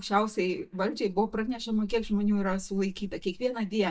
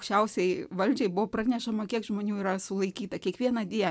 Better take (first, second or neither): second